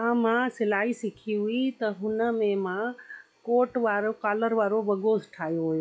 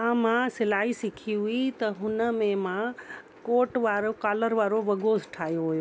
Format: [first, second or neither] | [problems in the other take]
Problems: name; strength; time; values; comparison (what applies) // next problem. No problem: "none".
second | noise reduction (classical method log-MMSE)